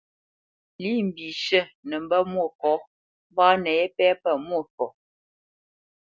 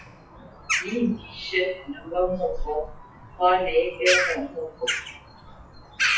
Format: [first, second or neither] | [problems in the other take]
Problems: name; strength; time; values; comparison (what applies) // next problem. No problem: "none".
first | noise reduction (classical method WPE with log-MMSE)